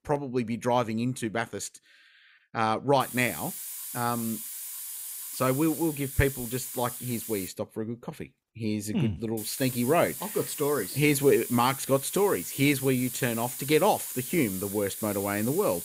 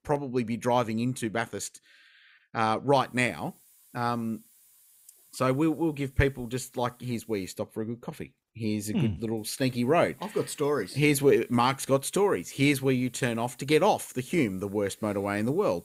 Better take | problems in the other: second | hiss; loud; from 3 to 7.5 s and from 9.5 s on; 8 dB below the speech; faint in the second

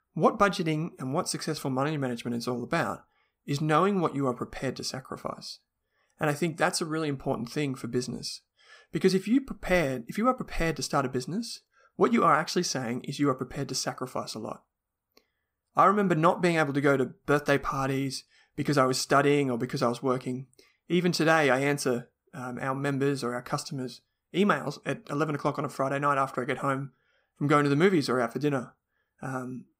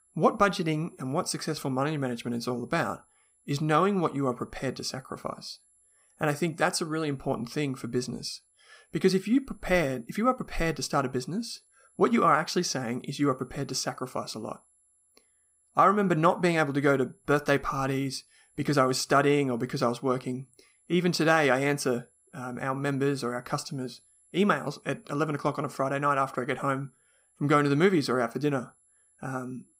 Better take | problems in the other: first | high-pitched whine; faint; throughout; 11 kHz, 35 dB below the speech

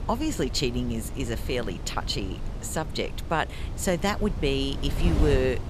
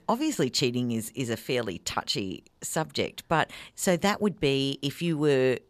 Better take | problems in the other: second | wind noise on the microphone; occasional gusts; 10 dB below the speech

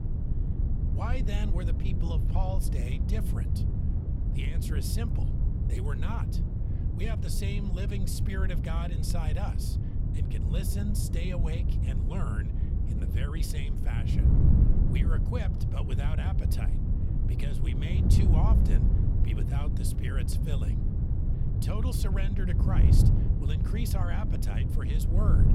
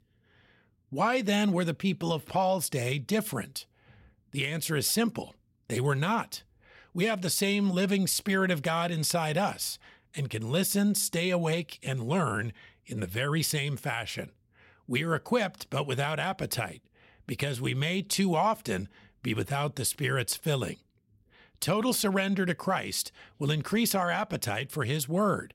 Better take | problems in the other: second | wind noise on the microphone; heavy; 1 dB below the speech

